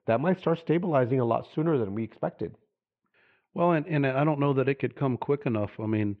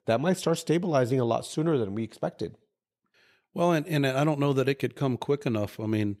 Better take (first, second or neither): second